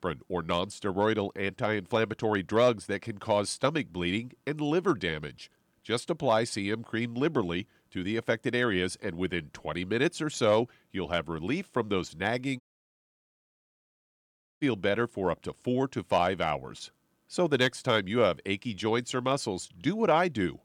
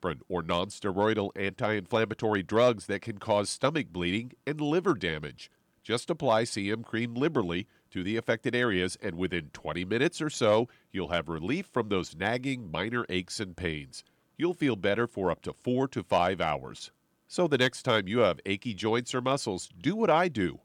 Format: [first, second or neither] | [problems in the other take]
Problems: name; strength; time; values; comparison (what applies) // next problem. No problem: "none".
second | audio cutting out; at 13 s for 2 s